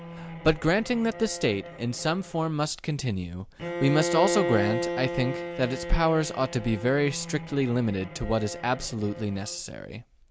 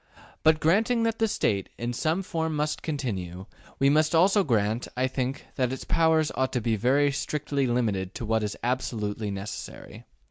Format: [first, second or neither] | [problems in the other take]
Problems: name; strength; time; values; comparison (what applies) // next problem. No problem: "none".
second | background sound (Bowed string instrument); 8 dB below the speech